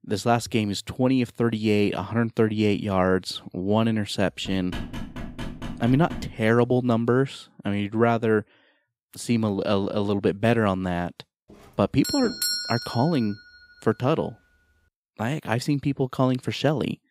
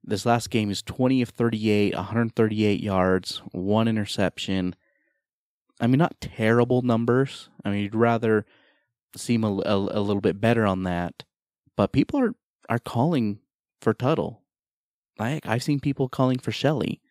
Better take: second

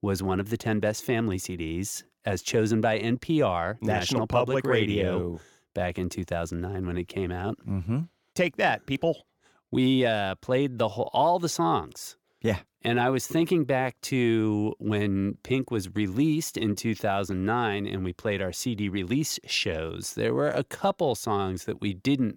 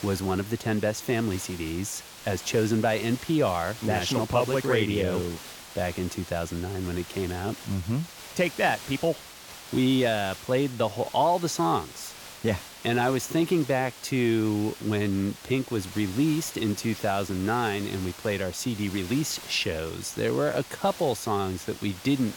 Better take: first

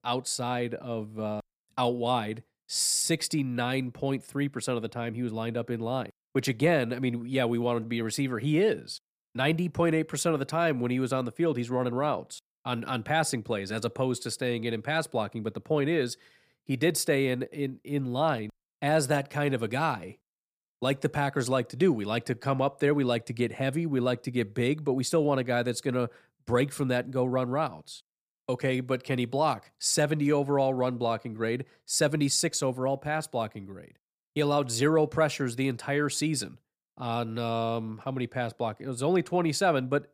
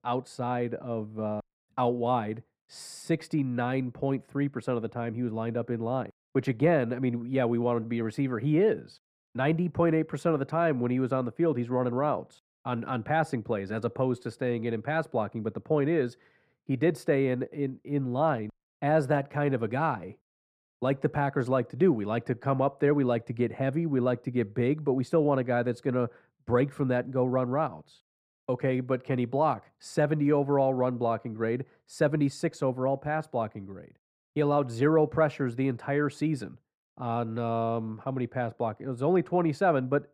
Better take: first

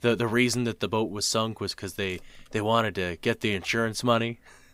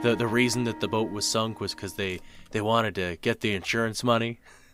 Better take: first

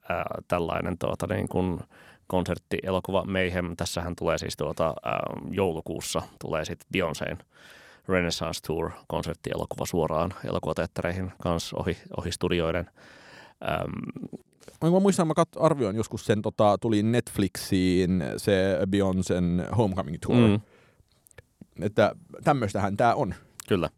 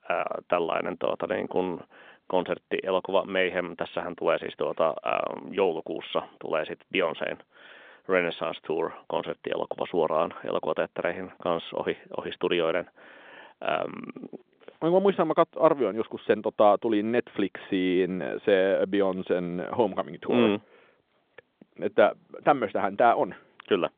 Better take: first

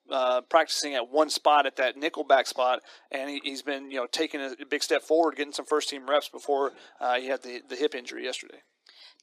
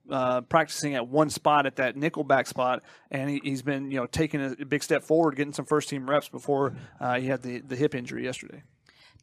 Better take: second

